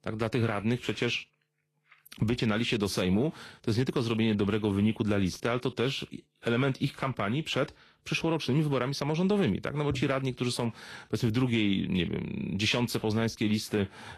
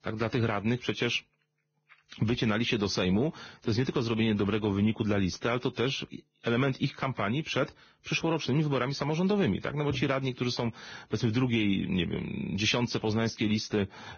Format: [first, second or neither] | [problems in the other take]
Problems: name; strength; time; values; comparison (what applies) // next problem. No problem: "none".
first | garbled, watery; badly; nothing above 6.5 kHz; slightly in the first